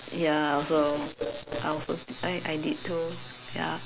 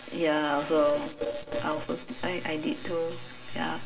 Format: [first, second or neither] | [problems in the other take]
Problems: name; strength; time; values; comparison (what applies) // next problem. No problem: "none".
first | room echo; dies away in 2.4 s